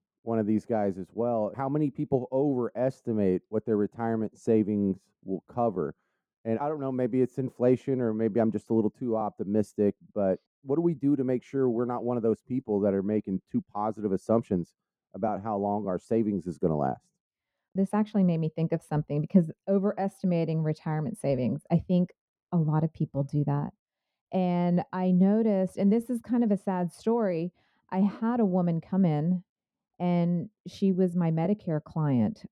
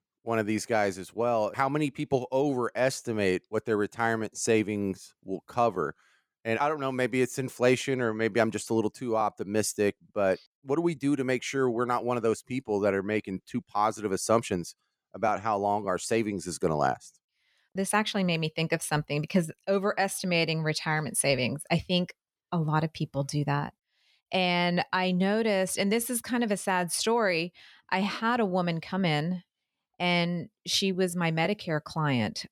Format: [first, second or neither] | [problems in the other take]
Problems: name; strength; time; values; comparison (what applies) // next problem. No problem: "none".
second | muffled; very; fading above 1.5 kHz